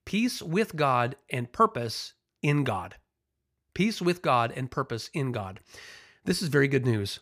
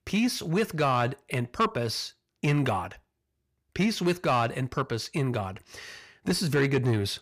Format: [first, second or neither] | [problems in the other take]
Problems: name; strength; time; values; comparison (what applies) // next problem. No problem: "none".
first | distortion; slight; 10 dB below the speech